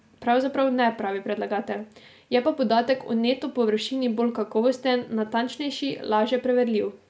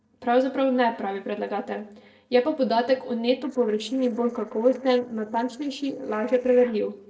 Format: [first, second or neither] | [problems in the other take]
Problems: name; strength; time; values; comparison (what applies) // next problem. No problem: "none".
first | noise reduction (neural separator model SepFormer DNS4)